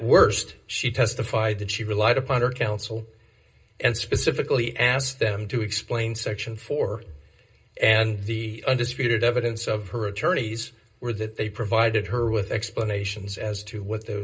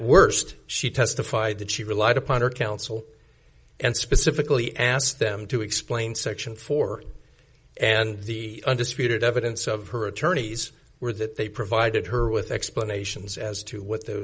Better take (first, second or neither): second